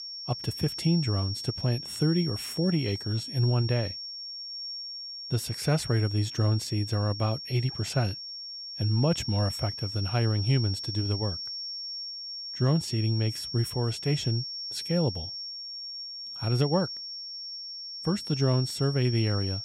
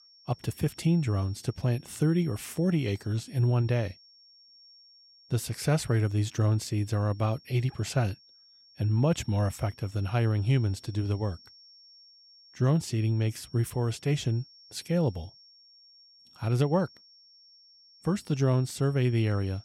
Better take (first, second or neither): second